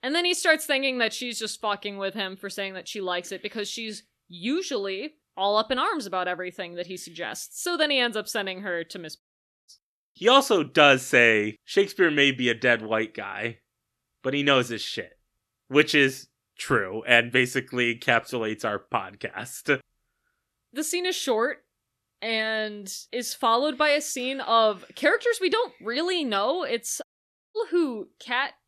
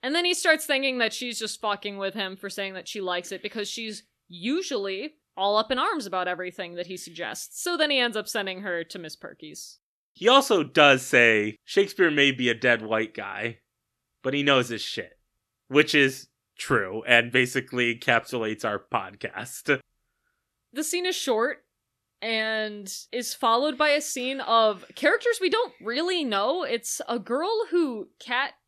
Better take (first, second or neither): second